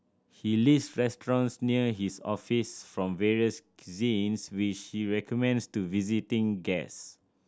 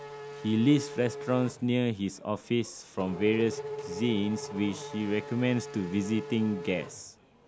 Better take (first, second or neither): first